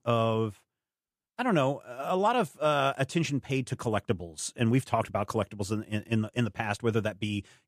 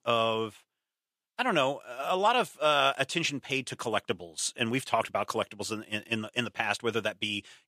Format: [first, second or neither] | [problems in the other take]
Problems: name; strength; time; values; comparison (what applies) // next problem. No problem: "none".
first | thin; somewhat; fading below 550 Hz